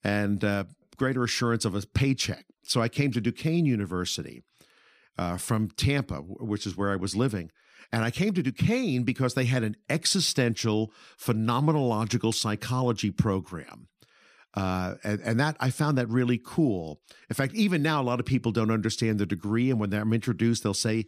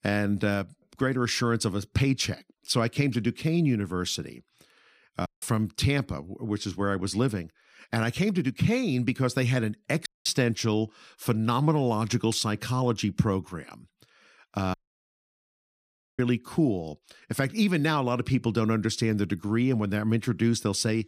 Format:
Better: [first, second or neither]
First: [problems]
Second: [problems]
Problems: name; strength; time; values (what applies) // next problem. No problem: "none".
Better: first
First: none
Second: audio cutting out; at 5.5 s, at 10 s and at 15 s for 1.5 s